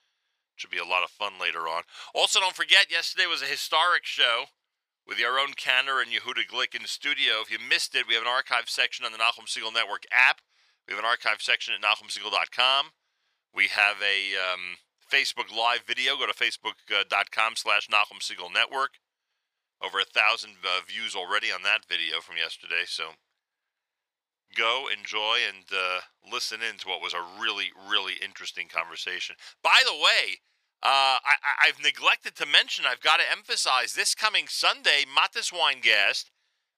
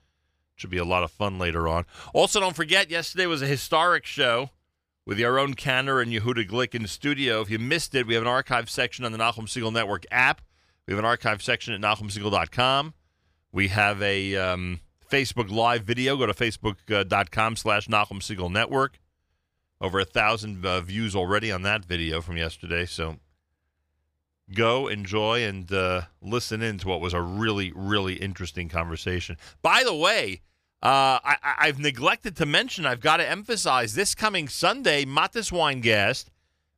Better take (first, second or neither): second